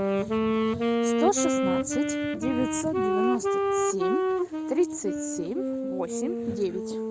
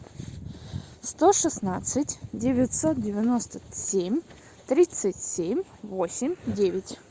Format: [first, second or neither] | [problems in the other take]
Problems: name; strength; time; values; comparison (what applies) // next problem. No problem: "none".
second | background sound (Wind instrument, woodwind instrument); 4 dB above the speech